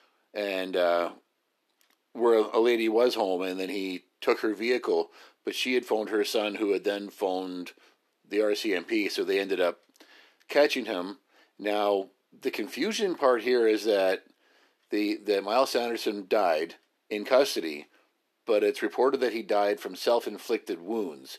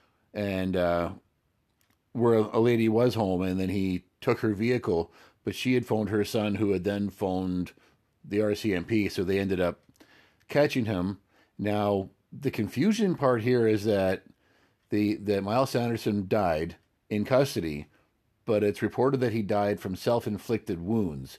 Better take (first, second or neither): second